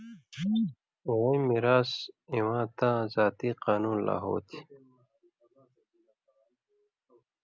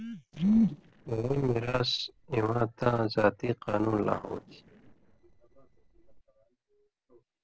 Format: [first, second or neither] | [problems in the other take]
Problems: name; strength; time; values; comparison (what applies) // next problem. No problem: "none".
first | noise reduction (neural separator model SepFormer DNS4)